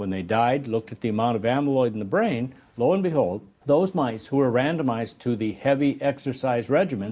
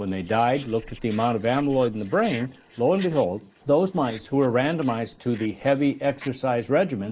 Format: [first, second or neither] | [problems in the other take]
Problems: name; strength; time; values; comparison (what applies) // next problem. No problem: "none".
first | noise reduction (neural mask model Resemble Enhance denoiser)